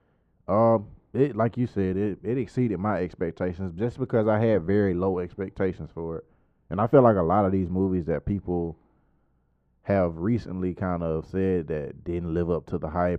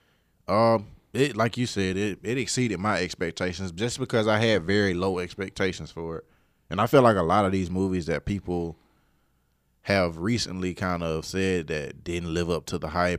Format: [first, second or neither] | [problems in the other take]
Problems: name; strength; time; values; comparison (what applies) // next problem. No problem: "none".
second | muffled; very; fading above 2.5 kHz